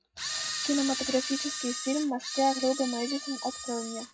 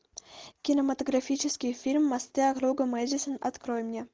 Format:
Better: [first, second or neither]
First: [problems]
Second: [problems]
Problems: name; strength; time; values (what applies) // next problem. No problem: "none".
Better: second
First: noise reduction (classical method WPE with log-MMSE)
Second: none